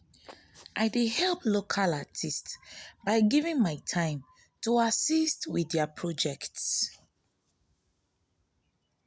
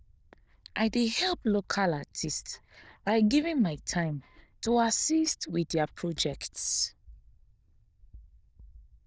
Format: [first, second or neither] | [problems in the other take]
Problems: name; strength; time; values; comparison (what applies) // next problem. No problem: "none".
first | noise reduction (neural diffusion model UNIVERSE++)